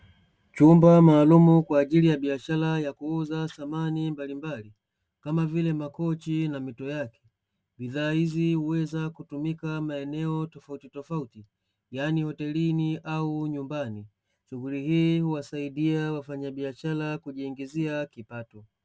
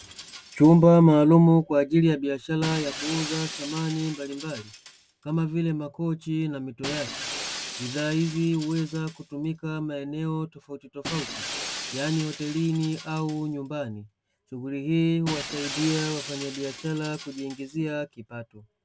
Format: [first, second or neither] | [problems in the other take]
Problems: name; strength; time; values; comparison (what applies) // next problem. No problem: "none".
first | background sound (Shatter); 14 dB below the speech